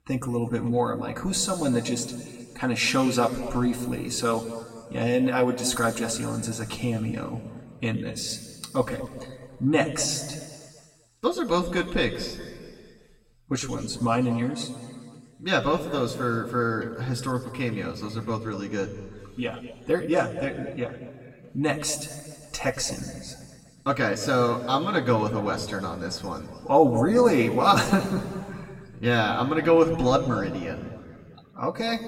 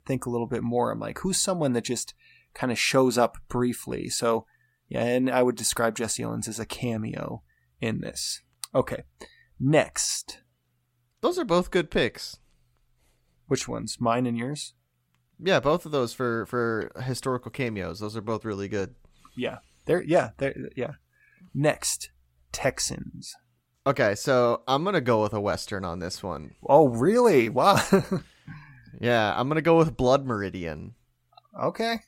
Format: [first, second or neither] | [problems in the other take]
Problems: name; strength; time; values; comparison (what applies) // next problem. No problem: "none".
second | room echo; noticeable; dies away in 1.8 s // off-mic speech; somewhat distant